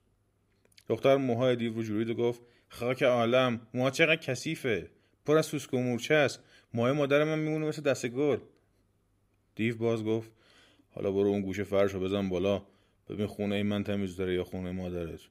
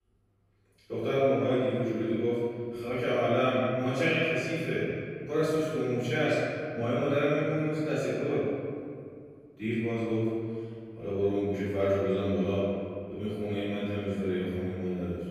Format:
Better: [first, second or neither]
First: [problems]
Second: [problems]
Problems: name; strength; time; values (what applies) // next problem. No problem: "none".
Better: first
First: none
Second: room echo; strong; dies away in 2.3 s // off-mic speech; far